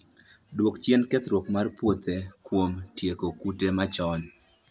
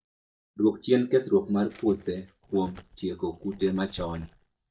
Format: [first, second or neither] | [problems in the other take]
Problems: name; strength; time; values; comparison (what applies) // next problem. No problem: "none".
first | noise reduction (neural mask model DeepFilterNet 3)